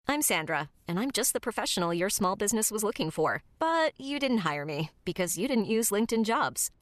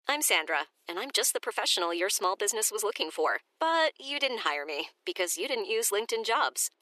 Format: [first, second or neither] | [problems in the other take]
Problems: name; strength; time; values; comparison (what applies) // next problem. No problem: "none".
first | thin; very; fading below 350 Hz